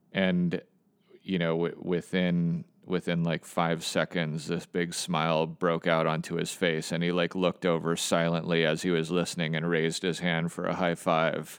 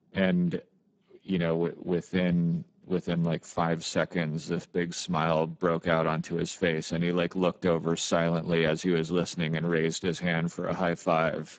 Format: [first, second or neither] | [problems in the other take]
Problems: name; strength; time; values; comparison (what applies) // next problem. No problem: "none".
first | garbled, watery; badly; nothing above 7.5 kHz